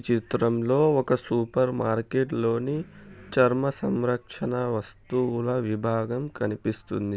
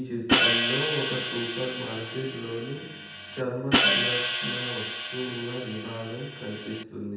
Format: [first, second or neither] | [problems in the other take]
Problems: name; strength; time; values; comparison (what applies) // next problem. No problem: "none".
first | background sound (Hi-hat); 5 dB above the speech // room echo; dies away in 0.8 s